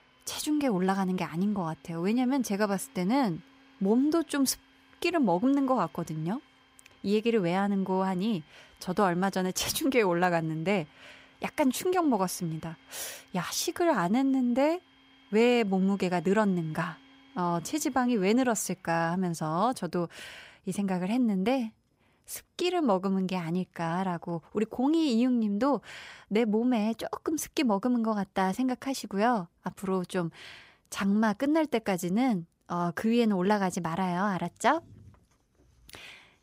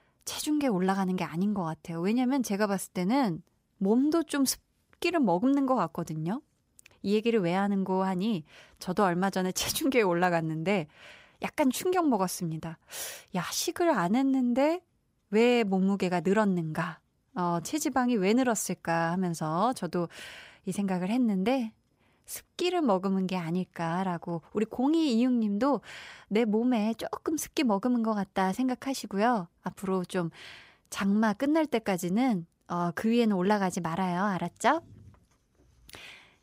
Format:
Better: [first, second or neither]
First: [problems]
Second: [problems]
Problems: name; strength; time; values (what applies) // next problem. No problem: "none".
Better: second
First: household noises; faint; throughout; 30 dB below the speech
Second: none